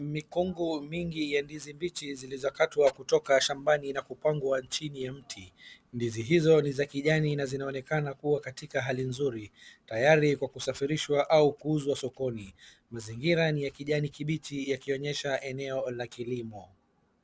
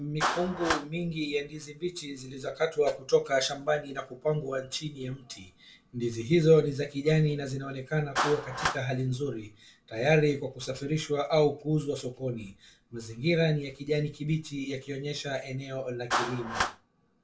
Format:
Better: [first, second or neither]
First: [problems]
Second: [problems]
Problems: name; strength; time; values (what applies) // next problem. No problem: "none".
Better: first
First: none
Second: background sound (Clapping); 10 dB below the speech // room echo; dies away in 0.2 s